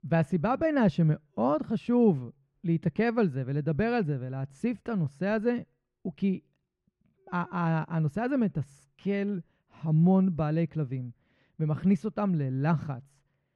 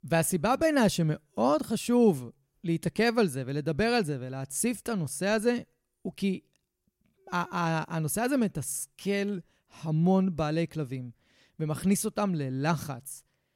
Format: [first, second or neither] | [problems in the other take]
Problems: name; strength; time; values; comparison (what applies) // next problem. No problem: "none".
second | muffled; very; fading above 2 kHz